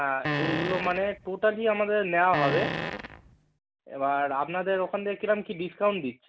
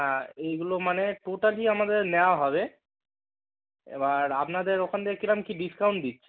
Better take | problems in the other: second | background sound (Fart); 4 dB below the speech

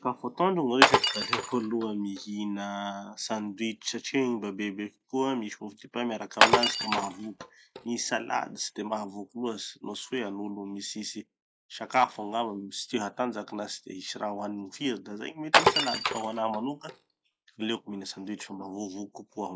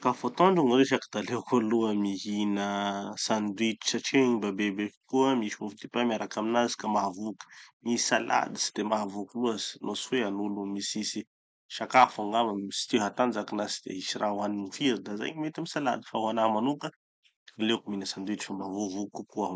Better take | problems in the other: second | noise reduction (classical method log-MMSE)

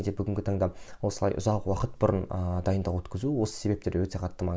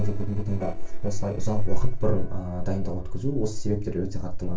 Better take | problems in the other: first | noise reduction (neural separator model SepFormer DNS4)

